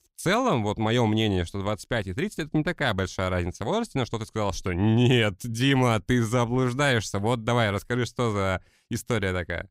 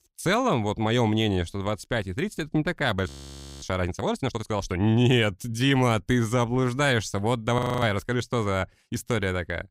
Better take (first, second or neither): first